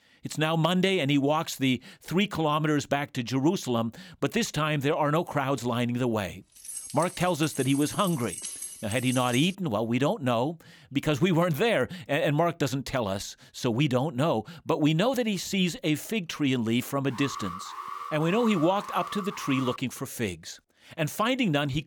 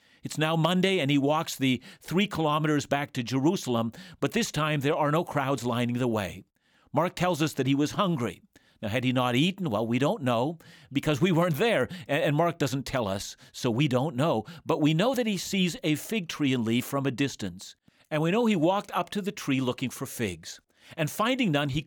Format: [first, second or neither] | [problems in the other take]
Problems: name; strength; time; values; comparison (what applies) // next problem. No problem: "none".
second | jangling keys; noticeable; from 6.5 to 9.5 s; peak 7 dB below the speech // alarm; noticeable; from 17 to 20 s; peak 10 dB below the speech